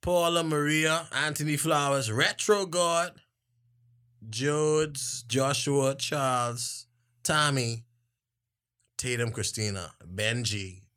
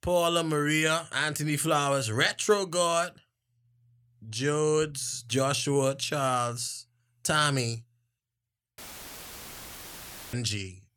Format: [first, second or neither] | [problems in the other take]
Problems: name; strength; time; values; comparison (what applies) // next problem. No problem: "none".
first | audio cutting out; filled with static; at 9 s for 1.5 s